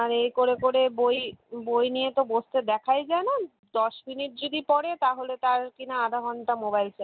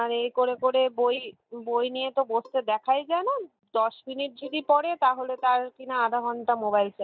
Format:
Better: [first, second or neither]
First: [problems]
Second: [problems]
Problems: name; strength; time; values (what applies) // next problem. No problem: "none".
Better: first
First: none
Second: noise reduction (neural mask model DeepFilterNet 3)